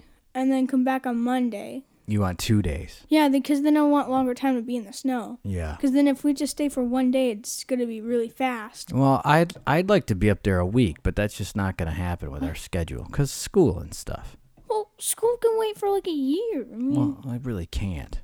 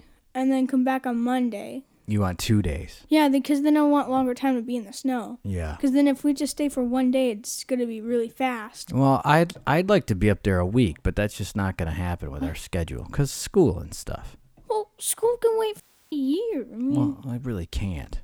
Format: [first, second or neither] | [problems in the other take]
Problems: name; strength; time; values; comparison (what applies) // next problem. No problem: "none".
first | audio cutting out; at 16 s